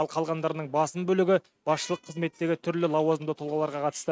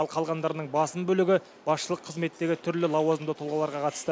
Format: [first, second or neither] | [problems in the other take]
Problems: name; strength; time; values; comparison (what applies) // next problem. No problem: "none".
second | noise reduction (neural mask model RNNoise)